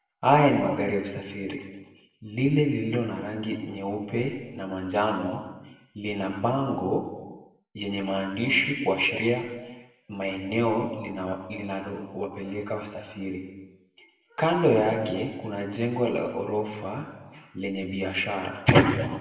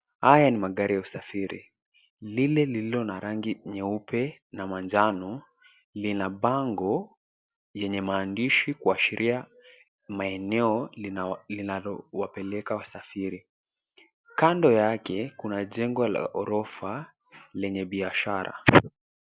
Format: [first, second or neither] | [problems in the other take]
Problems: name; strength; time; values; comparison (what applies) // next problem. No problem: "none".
second | room echo; dies away in 1.2 s